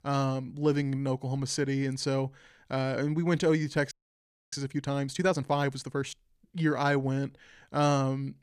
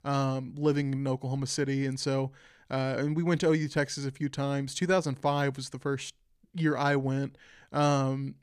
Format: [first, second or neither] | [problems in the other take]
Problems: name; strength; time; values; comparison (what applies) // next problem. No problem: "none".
second | audio freezing; at 4 s for 0.5 s